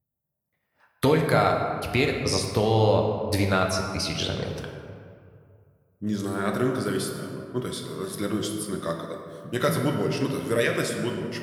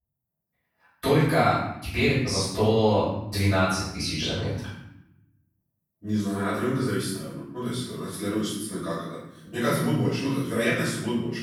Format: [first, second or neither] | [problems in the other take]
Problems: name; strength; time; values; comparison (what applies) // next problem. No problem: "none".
first | room echo; strong; dies away in 0.8 s; slight in the first // off-mic speech; far